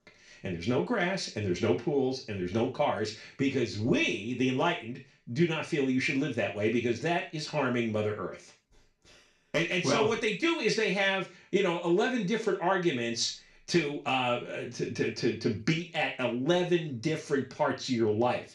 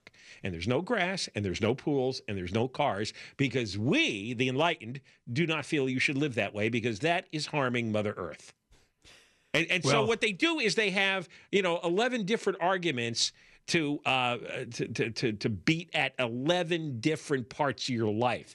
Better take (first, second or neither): second